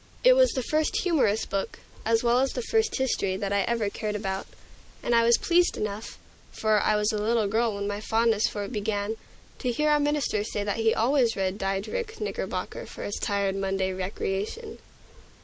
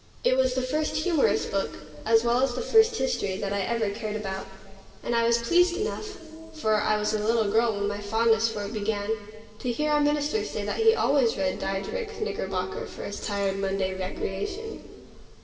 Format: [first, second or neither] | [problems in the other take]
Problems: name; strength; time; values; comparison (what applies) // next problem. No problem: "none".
first | background sound (Dog); 19 dB below the speech // room echo; dies away in 2.4 s